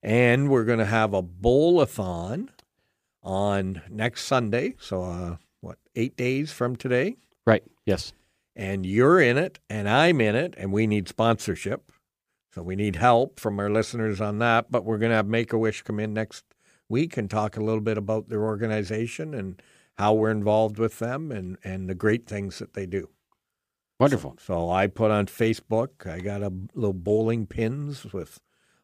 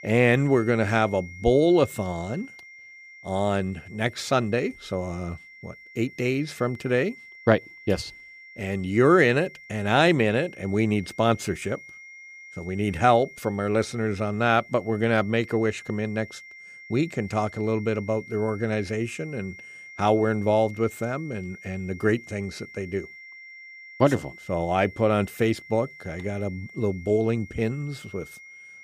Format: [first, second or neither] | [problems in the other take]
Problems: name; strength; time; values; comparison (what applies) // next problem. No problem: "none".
first | high-pitched whine; noticeable; throughout; 2 kHz, 20 dB below the speech